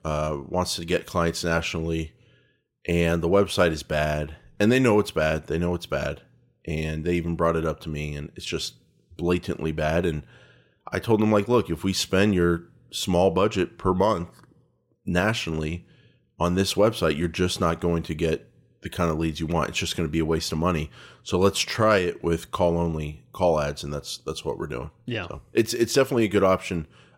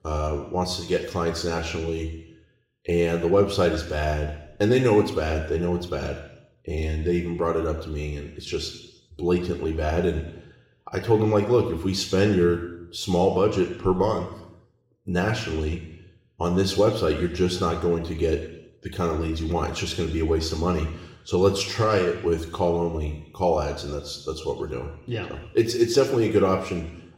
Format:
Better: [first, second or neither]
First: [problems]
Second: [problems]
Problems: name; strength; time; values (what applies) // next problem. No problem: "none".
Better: first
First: none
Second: room echo; slight; dies away in 0.8 s // off-mic speech; somewhat distant